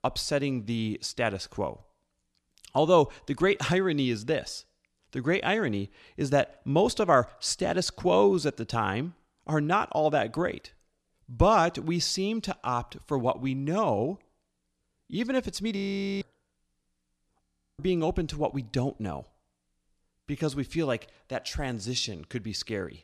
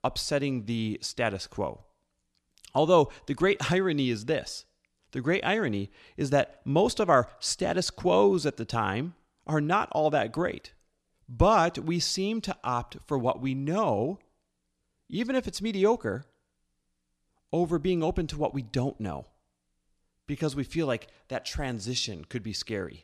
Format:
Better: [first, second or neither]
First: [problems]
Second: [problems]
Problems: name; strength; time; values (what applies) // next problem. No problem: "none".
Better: second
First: audio freezing; at 16 s and at 17 s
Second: none